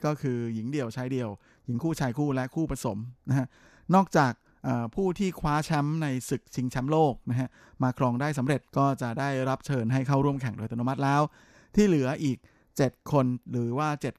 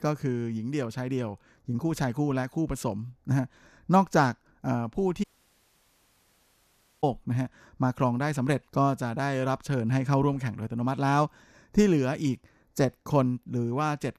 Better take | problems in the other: first | audio cutting out; at 5 s for 2 s

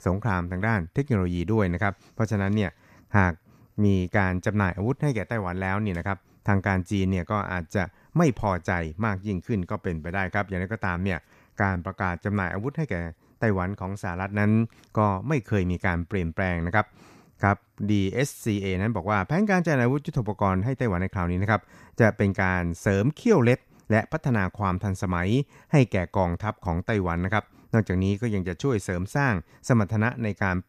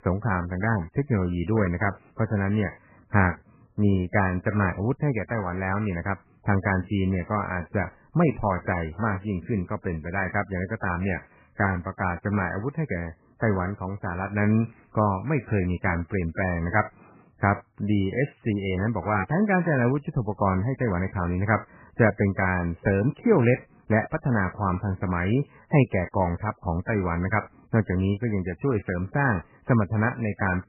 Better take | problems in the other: first | garbled, watery; badly; nothing above 2.5 kHz

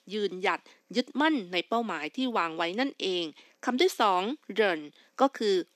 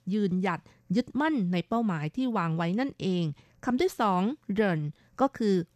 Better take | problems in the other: second | thin; somewhat; fading below 250 Hz

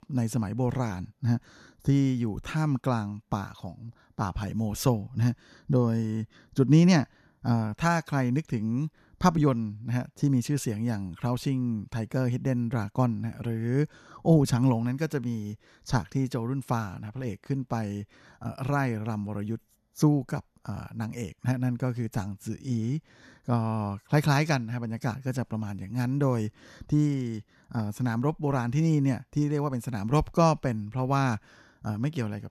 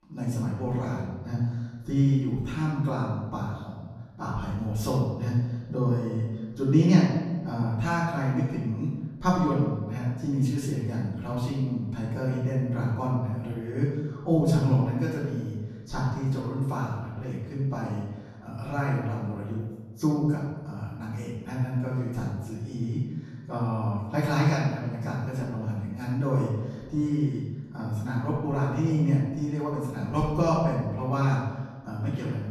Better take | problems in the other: first | room echo; noticeable; dies away in 1.2 s // off-mic speech; far

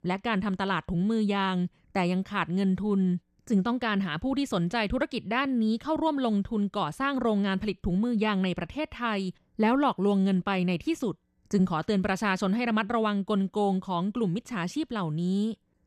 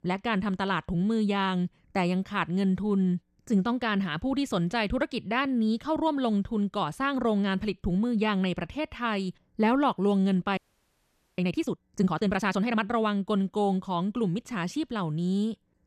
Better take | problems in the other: first | audio freezing; at 11 s for 1 s

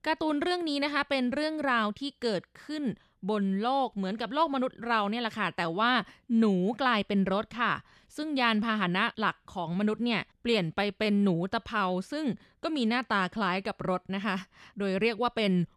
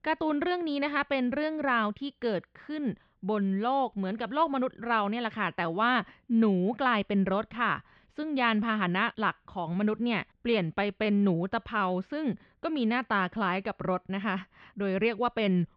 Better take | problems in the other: first | muffled; slightly; fading above 3 kHz

